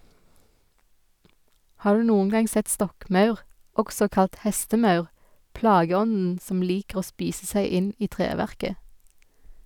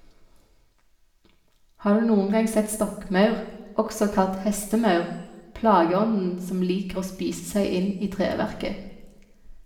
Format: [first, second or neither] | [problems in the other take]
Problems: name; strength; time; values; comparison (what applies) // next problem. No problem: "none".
first | room echo; dies away in 0.9 s